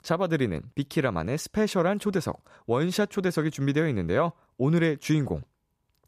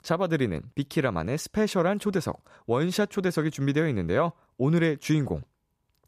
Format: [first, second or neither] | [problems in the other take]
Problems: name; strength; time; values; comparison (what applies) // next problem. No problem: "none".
neither | none